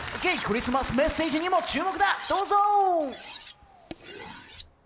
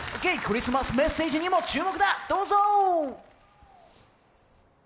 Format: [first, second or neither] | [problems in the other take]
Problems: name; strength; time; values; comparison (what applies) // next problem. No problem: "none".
second | background sound (Cutlery, silverware); 19 dB below the speech